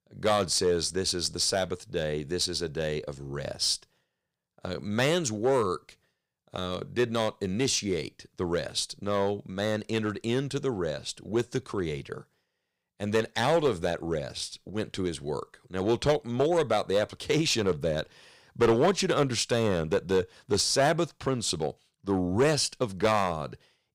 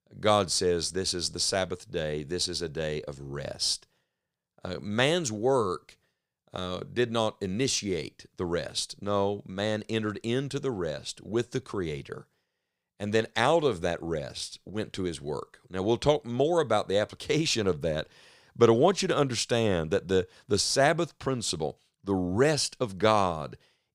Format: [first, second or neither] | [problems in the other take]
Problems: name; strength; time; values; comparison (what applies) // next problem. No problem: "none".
second | distortion; slight; 2% of the sound clipped